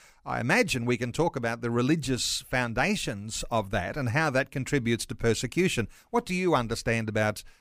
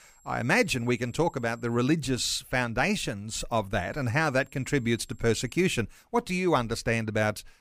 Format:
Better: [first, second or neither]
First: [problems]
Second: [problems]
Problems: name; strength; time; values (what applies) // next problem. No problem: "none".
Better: first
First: none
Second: high-pitched whine; faint; until 2 s and from 4 to 5.5 s; 7.5 kHz, 30 dB below the speech